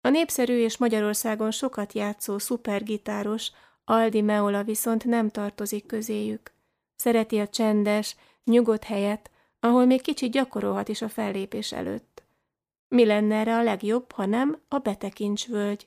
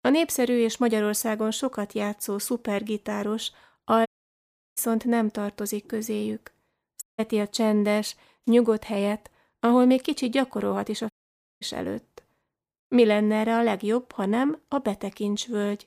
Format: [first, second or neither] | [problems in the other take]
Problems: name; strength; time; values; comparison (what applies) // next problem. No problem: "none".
first | audio cutting out; at 4 s for 0.5 s, at 7 s and at 11 s for 0.5 s